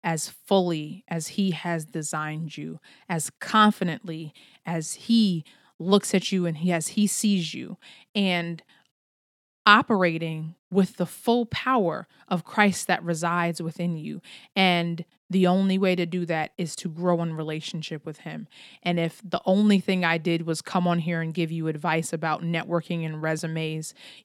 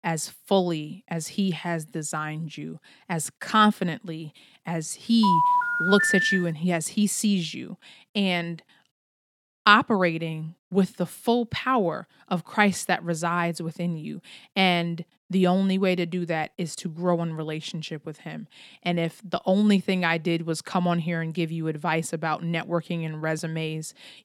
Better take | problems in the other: first | phone ringing; loud; from 5 to 6.5 s; peak 5 dB above the speech

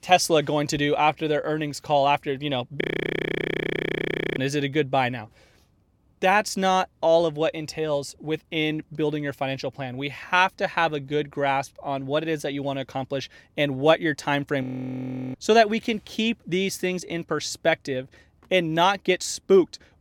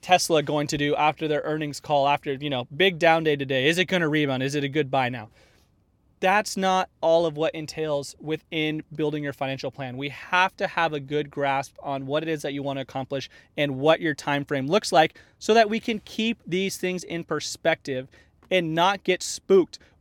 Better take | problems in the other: second | audio freezing; at 3 s for 1.5 s and at 15 s for 0.5 s

